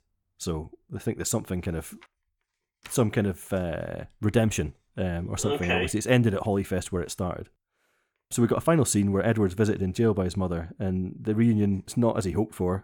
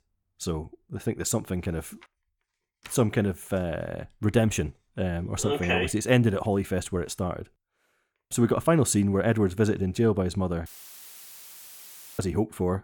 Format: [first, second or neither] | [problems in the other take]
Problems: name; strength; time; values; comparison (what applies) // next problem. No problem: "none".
first | audio cutting out; filled with static; at 11 s for 1.5 s